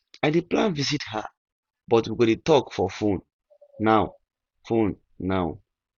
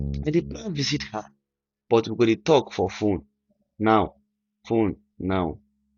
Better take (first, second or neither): first